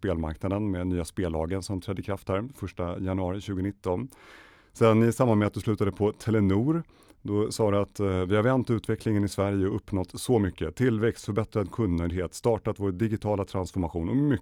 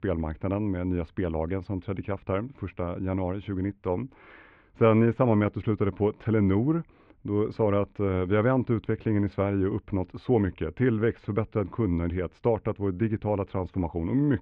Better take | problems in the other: first | muffled; very; fading above 2.5 kHz

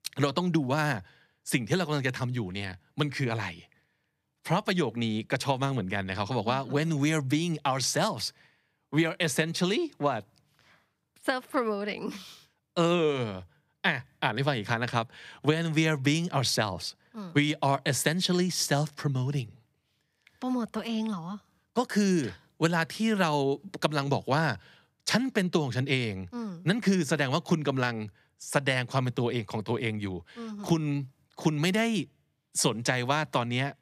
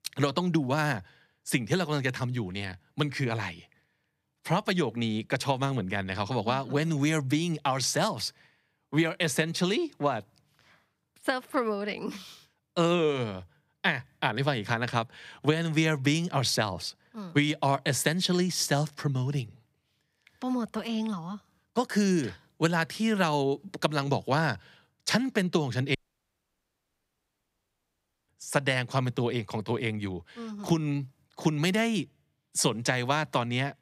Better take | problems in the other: first | audio cutting out; at 26 s for 2.5 s

